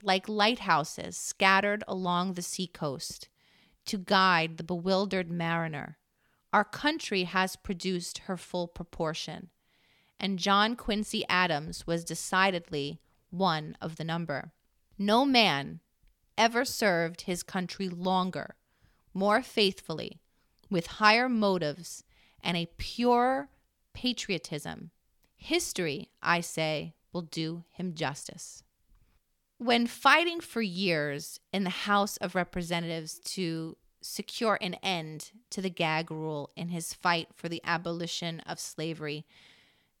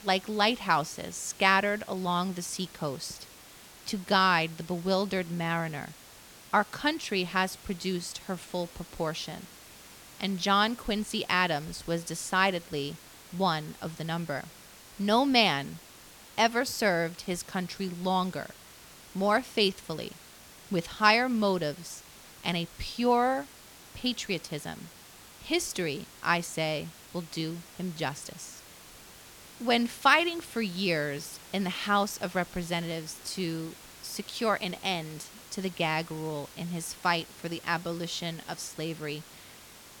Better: first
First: none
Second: hiss; noticeable; throughout; 20 dB below the speech

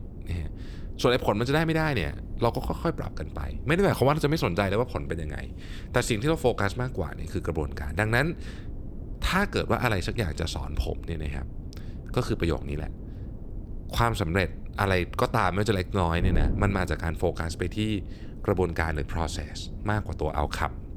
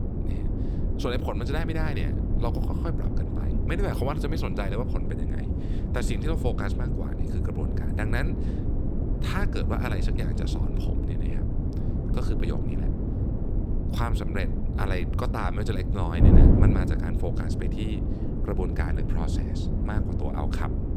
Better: first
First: wind noise on the microphone; occasional gusts; 20 dB below the speech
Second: wind noise on the microphone; heavy; 2 dB below the speech

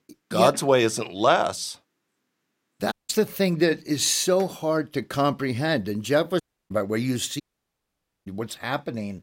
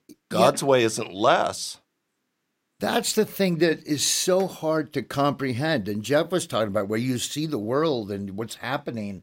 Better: second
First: audio cutting out; at 3 s, at 6.5 s and at 7.5 s for 1 s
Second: none

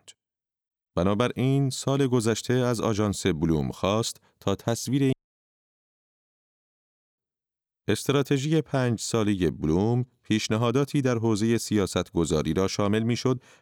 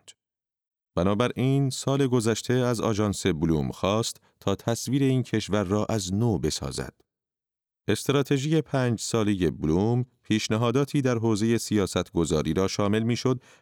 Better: second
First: audio cutting out; at 5 s for 2 s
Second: none

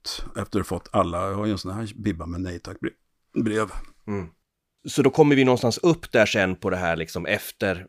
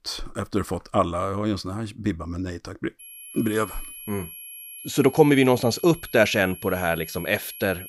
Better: first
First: none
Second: high-pitched whine; noticeable; from 3 s on; 11.5 kHz, 15 dB below the speech

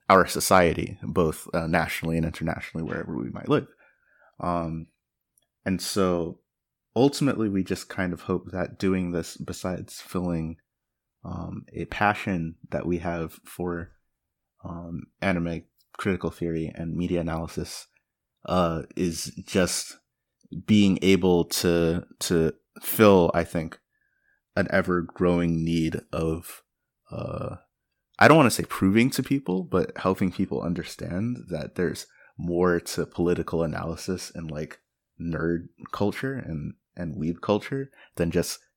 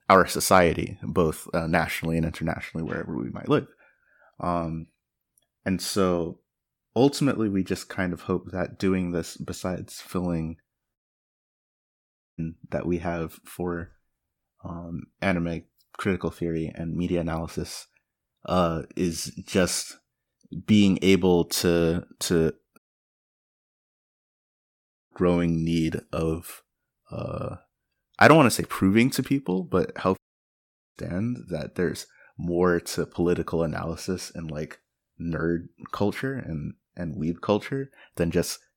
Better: first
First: none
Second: audio cutting out; at 11 s for 1.5 s, at 23 s for 2.5 s and at 30 s for 1 s

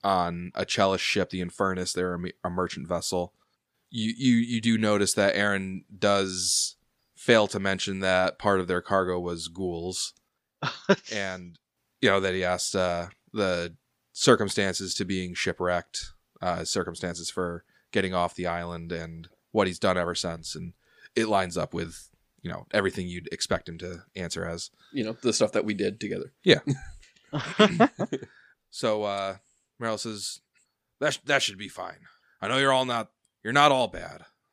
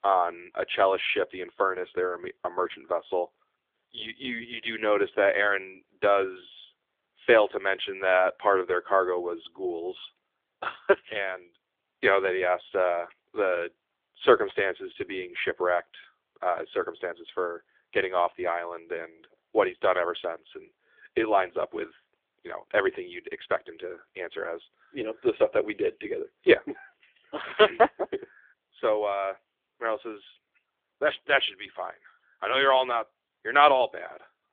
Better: first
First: none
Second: phone-call audio; nothing above 3.5 kHz

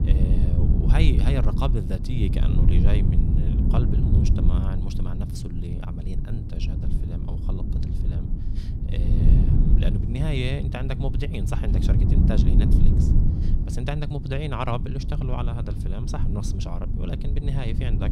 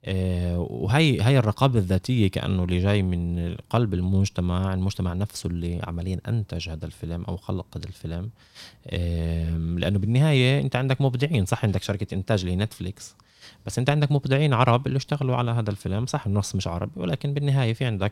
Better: second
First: low rumble; loud; throughout; 2 dB below the speech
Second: none

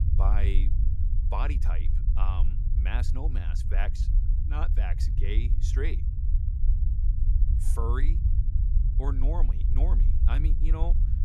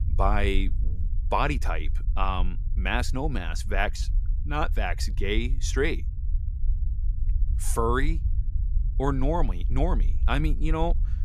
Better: second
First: low rumble; loud; throughout; 7 dB below the speech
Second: low rumble; faint; throughout; 20 dB below the speech

